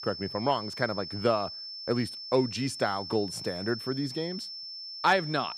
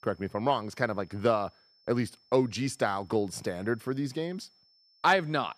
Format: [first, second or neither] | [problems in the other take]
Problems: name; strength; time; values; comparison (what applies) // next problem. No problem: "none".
second | high-pitched whine; loud; throughout; 5.5 kHz, 8 dB below the speech; faint in the second